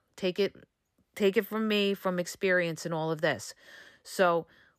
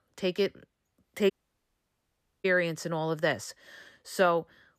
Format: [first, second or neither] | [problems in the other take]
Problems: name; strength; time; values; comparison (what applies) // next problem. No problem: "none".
first | audio cutting out; at 1.5 s for 1 s